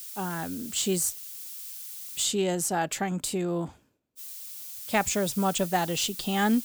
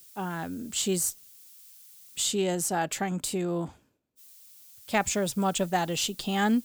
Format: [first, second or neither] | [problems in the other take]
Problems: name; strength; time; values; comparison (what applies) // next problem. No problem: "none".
second | hiss; loud; until 2 s and from 4 s on; 10 dB below the speech; faint in the second